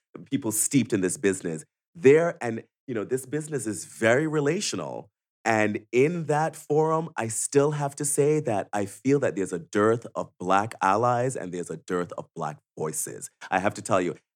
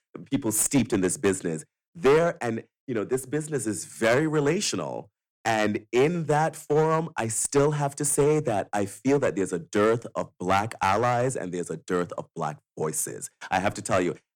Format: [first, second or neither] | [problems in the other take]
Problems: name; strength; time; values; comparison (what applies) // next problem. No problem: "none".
first | distortion; slight; 5% of the sound clipped